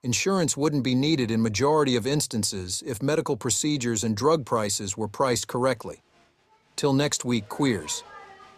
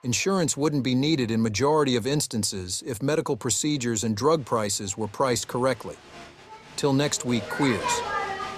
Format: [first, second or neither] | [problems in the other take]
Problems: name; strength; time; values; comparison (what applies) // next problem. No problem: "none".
first | crowd noise; loud; throughout; 8 dB below the speech; faint in the first